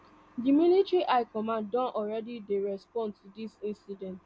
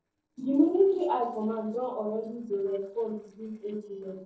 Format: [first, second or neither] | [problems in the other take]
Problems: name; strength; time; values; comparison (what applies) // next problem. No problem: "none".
first | noise reduction (neural separator model SepFormer DNS4)